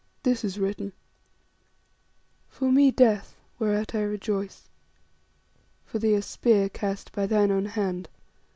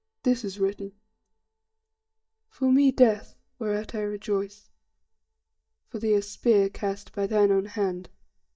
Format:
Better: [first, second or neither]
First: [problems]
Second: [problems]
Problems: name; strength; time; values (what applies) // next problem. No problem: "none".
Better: first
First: none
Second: noise reduction (neural mask model DeepFilterNet 3)